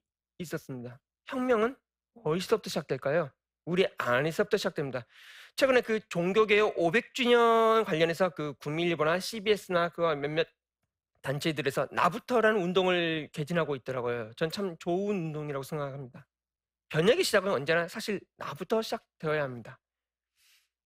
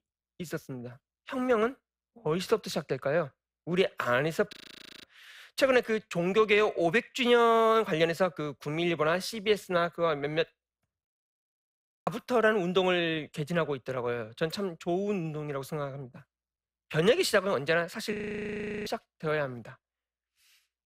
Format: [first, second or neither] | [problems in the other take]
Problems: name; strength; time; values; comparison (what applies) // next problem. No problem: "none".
first | audio freezing; at 4.5 s for 0.5 s, at 11 s for 1 s and at 18 s for 0.5 s